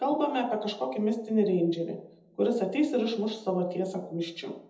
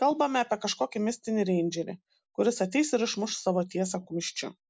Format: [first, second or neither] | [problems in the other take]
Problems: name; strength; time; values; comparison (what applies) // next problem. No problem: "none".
second | room echo; dies away in 0.8 s